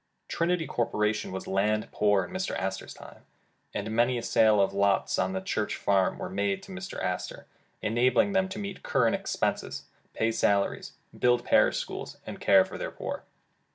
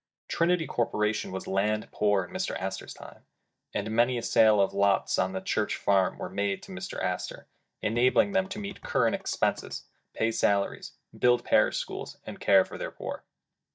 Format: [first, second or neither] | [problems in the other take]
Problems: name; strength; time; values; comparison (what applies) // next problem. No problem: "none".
first | noise reduction (neural mask model DeepFilterNet 3)